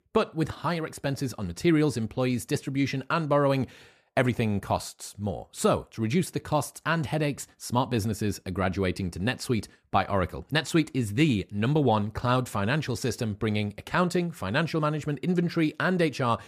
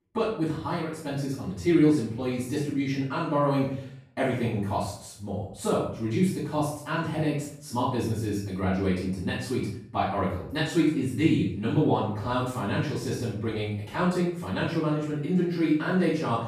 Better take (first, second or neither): first